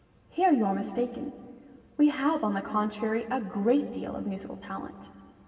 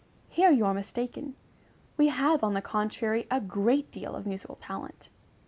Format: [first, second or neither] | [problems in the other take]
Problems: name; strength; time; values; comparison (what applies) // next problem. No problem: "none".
second | room echo; dies away in 2.6 s